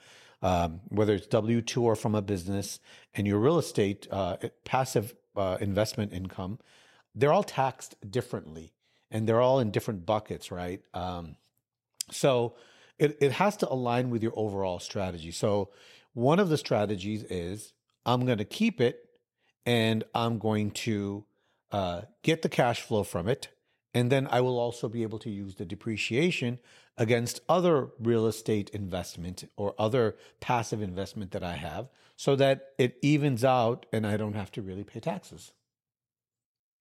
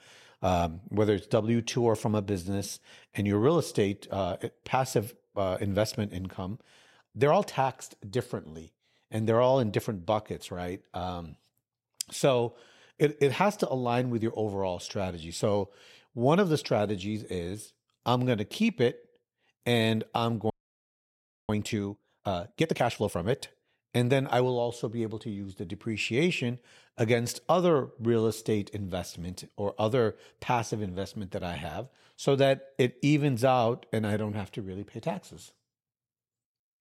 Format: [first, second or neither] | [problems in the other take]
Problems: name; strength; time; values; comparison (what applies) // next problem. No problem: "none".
first | audio freezing; at 21 s for 1 s